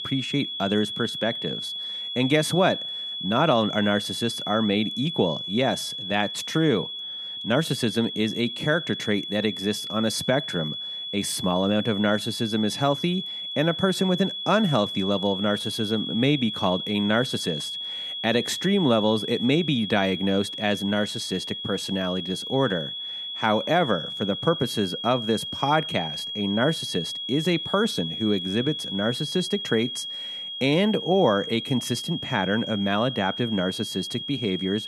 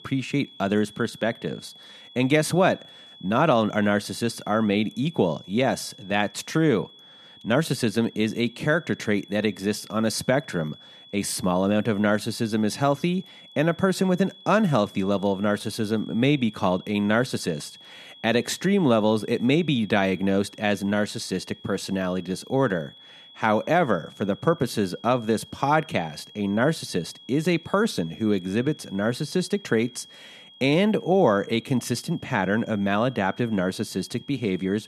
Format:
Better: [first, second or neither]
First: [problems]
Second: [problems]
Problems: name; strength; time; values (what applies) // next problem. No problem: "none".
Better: second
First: high-pitched whine; loud; throughout; 3.5 kHz, 5 dB below the speech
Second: high-pitched whine; faint; throughout; 3.5 kHz, 20 dB below the speech